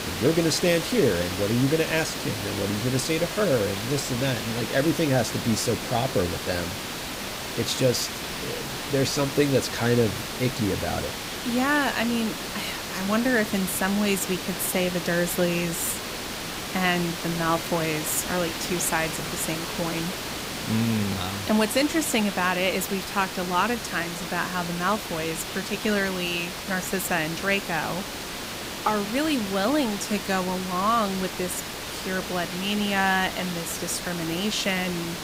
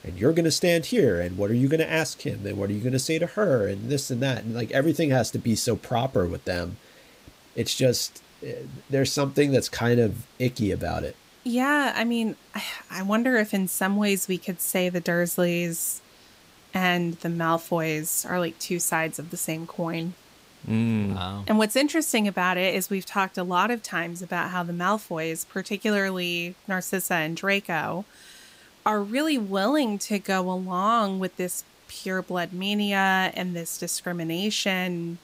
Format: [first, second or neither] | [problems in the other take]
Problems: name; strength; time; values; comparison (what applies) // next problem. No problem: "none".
second | hiss; loud; throughout; 5 dB below the speech; faint in the second